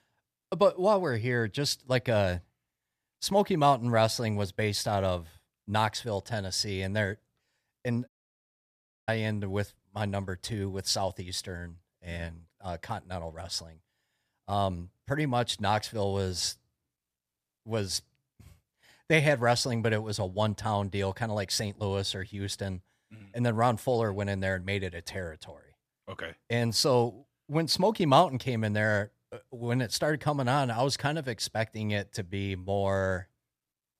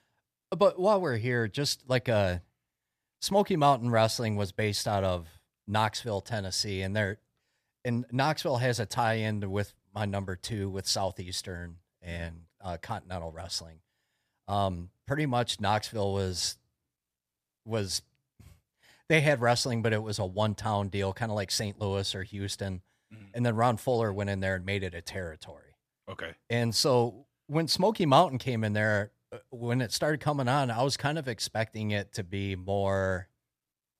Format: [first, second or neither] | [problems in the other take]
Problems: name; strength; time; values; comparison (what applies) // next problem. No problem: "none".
second | audio cutting out; at 8 s for 1 s